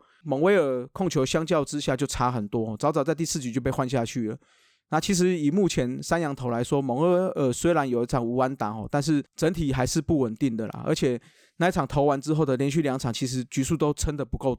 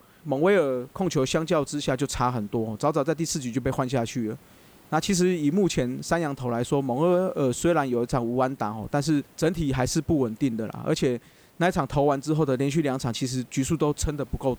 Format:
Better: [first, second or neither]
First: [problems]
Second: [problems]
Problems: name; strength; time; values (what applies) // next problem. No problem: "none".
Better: first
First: none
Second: hiss; faint; throughout; 30 dB below the speech